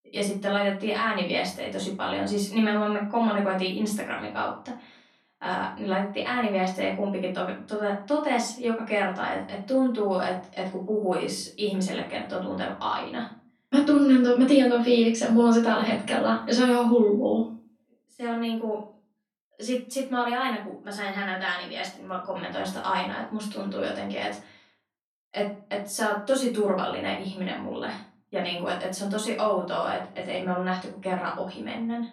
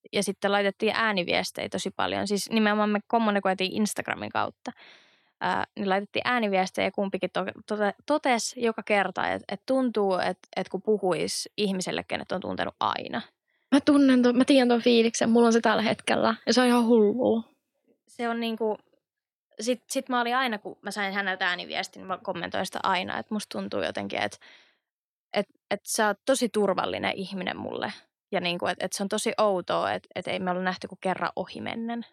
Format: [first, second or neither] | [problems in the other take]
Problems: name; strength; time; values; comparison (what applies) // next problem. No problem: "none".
second | off-mic speech; far // room echo; slight; dies away in 0.4 s